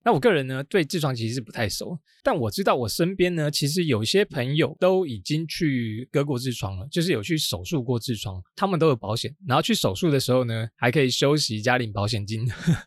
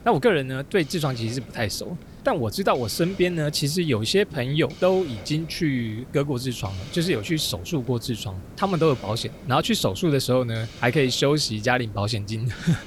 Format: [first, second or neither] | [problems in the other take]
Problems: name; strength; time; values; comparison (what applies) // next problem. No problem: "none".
first | hiss; noticeable; throughout; 20 dB below the speech